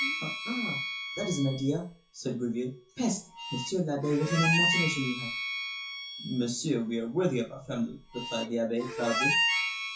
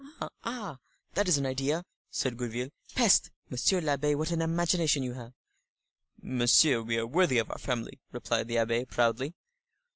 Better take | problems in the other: second | noise reduction (classical method WPE with log-MMSE)

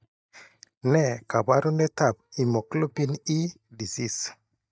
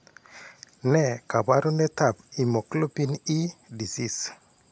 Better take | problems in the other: second | noise reduction (neural mask model DeepFilterNet 3)

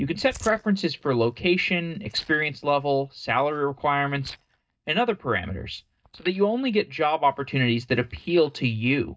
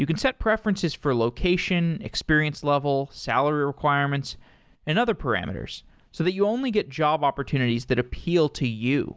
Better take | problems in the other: second | noise reduction (neural mask model DeepFilterNet 3)

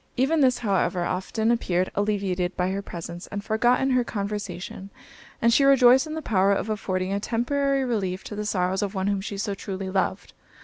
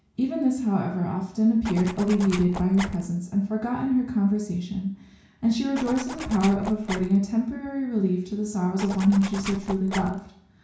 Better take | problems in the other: first | background sound (Zipper (clothing)); 11 dB below the speech // room echo; dies away in 0.6 s

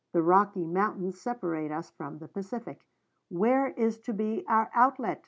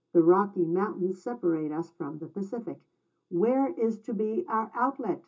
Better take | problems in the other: first | room echo; dies away in 0.2 s

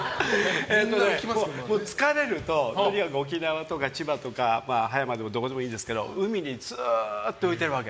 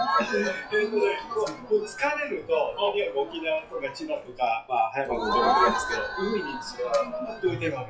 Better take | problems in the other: first | noise reduction (classical method WPE with log-MMSE)

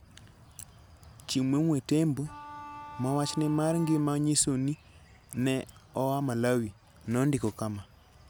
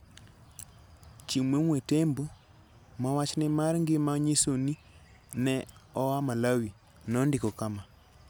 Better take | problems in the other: second | background sound (Bowed string instrument); 15 dB below the speech

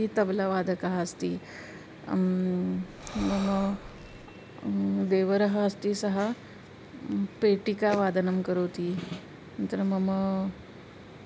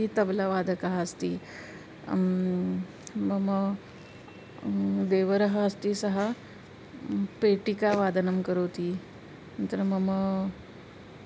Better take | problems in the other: second | background sound (Breathing + Snare drum); 14 dB below the speech

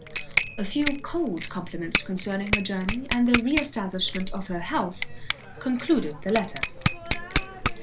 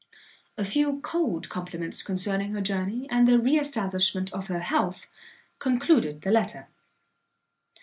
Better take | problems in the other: second | background sound (Bicycle bell); 2 dB below the speech

